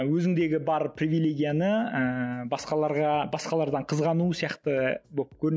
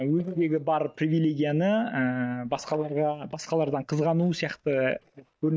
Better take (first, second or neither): first